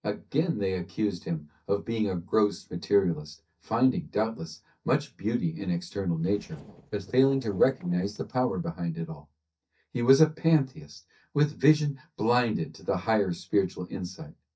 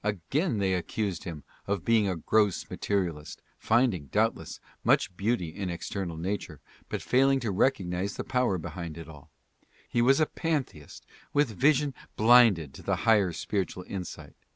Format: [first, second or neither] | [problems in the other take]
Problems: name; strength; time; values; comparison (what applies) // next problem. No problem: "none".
second | noise reduction (neural mask model DeepFilterNet 3)